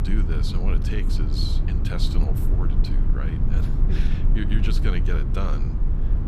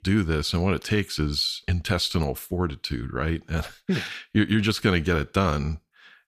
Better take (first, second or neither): second